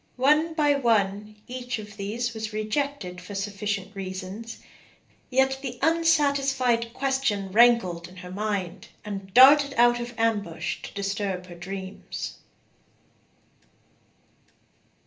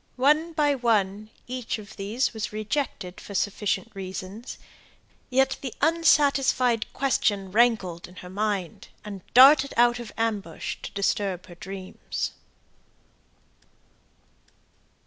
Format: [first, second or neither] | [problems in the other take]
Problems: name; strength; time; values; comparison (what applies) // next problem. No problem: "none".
second | room echo; dies away in 0.3 s